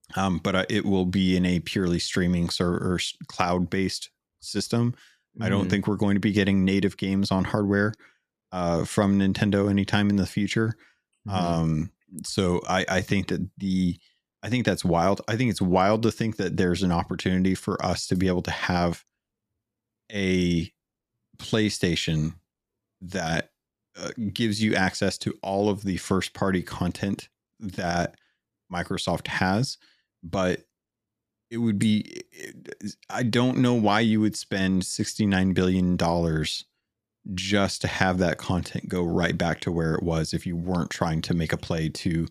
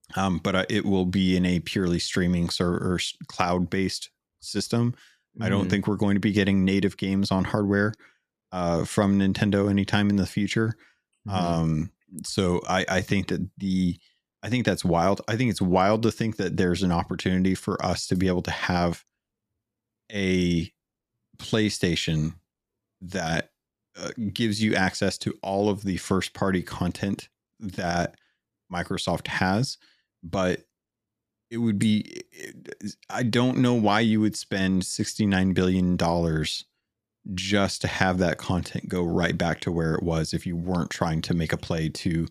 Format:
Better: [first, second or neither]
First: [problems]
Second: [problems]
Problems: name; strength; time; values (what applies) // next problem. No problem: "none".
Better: neither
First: none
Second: none